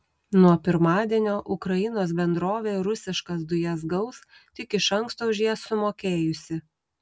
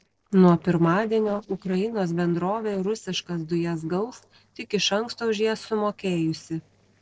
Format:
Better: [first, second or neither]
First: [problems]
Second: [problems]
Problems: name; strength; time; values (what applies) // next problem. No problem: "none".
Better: first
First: none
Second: noise reduction (neural separator model SepFormer DNS4)